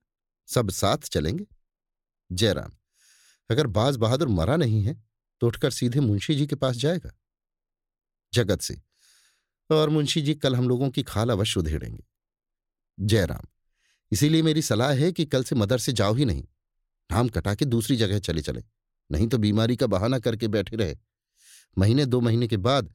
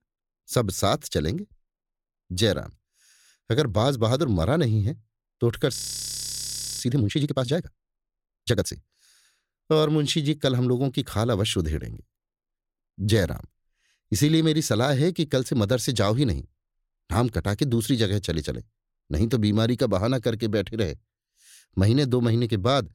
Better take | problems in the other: first | audio freezing; at 6 s for 1 s

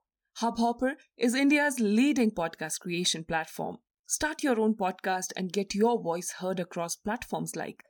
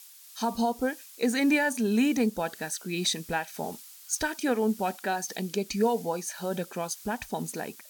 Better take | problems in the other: first | hiss; noticeable; throughout; 15 dB below the speech

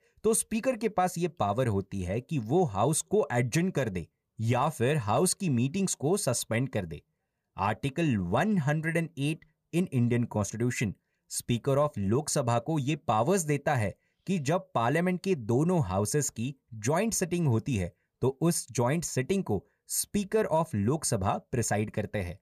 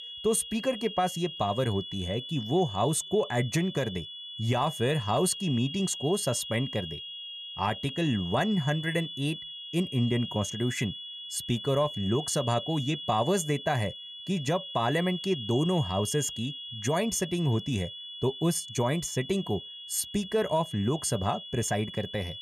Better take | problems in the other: first | high-pitched whine; loud; throughout; 3.5 kHz, 9 dB below the speech

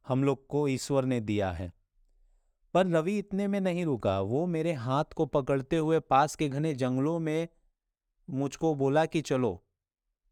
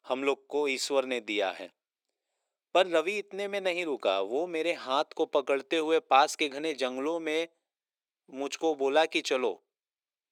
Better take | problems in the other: first | thin; somewhat; fading below 350 Hz

